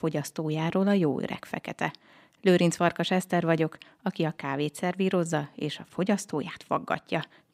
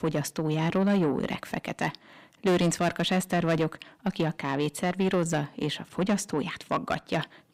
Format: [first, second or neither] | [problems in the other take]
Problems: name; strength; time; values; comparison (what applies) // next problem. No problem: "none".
first | distortion; slight; 10 dB below the speech